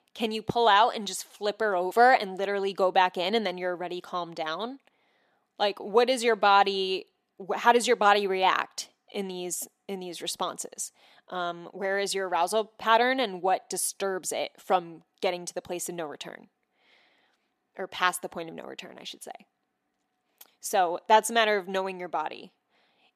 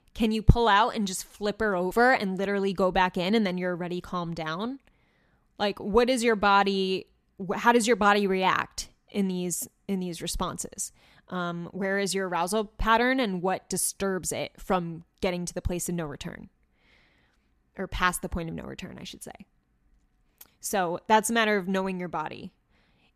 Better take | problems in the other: second | thin; somewhat; fading below 350 Hz

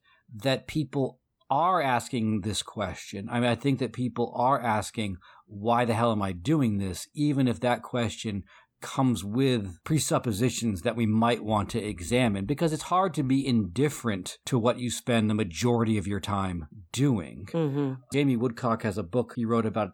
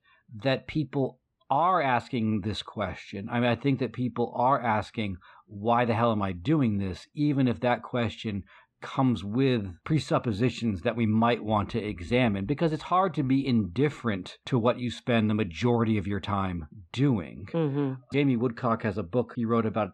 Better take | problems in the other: first | muffled; slightly; fading above 3 kHz

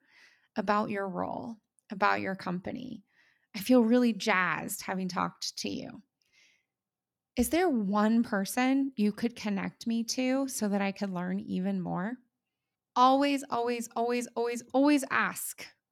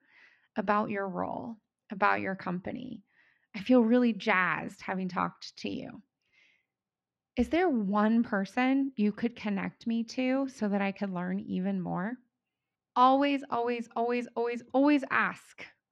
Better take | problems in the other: first | muffled; slightly; fading above 2.5 kHz

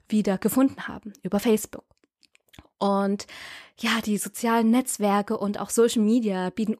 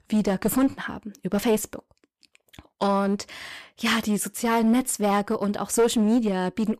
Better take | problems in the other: first | distortion; slight; 7% of the sound clipped

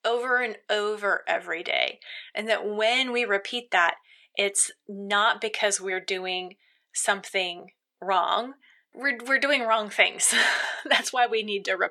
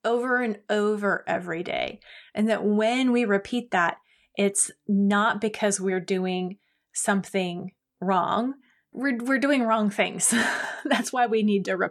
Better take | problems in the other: second | thin; very; fading below 500 Hz

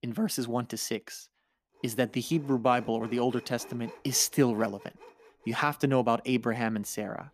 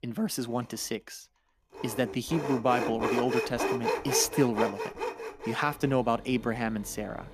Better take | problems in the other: first | machinery noise; loud; throughout; 3 dB below the speech; faint in the first

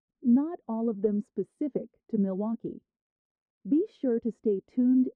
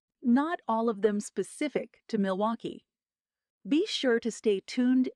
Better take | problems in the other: second | muffled; very; fading above 1 kHz

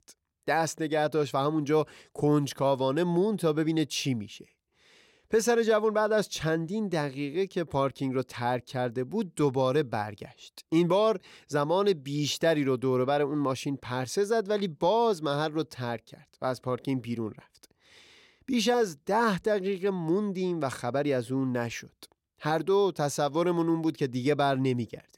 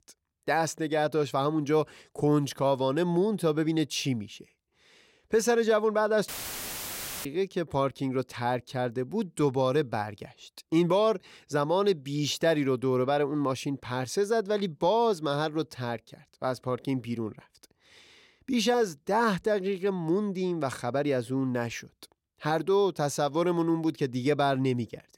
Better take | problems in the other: first | audio cutting out; filled with static; at 6.5 s for 1 s

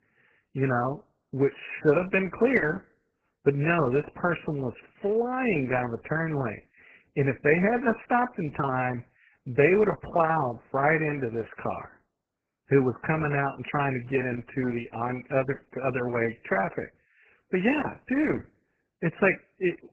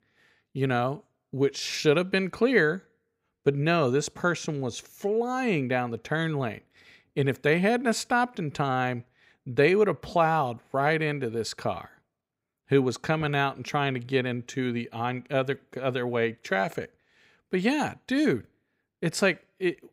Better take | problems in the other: second | garbled, watery; badly; nothing above 2.5 kHz

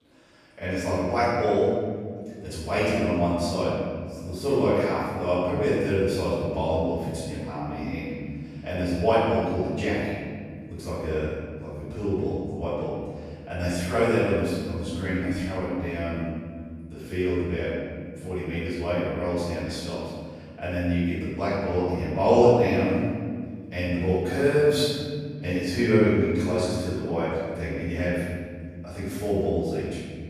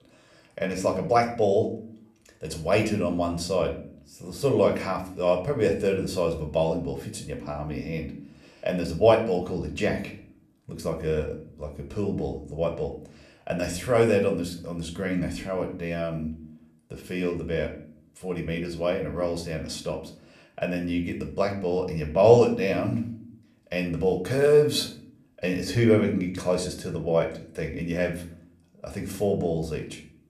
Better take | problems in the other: second | room echo; strong; dies away in 2.4 s; slight in the second // off-mic speech; far

